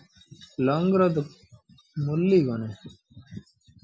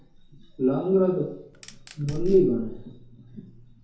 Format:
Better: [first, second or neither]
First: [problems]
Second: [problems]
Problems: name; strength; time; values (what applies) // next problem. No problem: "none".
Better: first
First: none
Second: background sound (Fire); 10 dB below the speech // room echo; dies away in 2.3 s